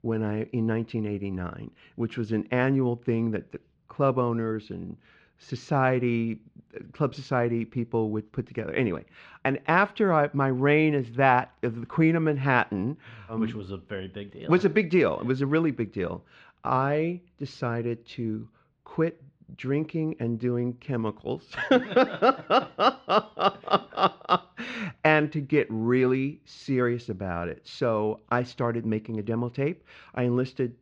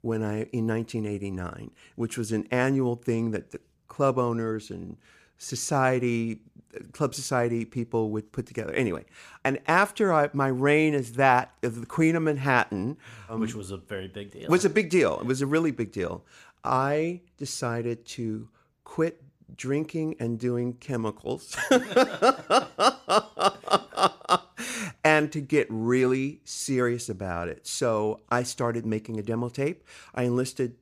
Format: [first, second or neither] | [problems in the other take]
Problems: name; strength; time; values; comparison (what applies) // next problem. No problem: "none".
second | muffled; slightly; fading above 4 kHz